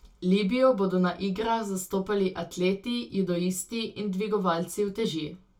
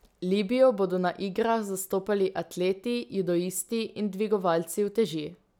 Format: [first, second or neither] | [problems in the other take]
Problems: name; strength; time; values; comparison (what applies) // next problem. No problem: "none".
second | room echo; dies away in 0.2 s